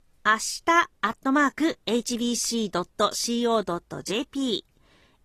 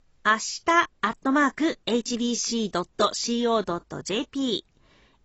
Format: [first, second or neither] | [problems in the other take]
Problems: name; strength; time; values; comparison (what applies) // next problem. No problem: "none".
first | garbled, watery; badly; nothing above 7.5 kHz; slightly in the first